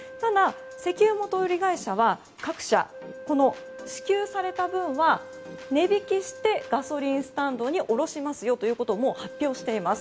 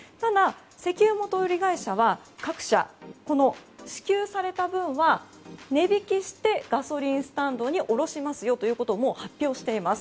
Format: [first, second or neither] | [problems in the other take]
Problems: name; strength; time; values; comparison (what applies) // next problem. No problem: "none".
second | background sound (Wind instrument, woodwind instrument); 17 dB below the speech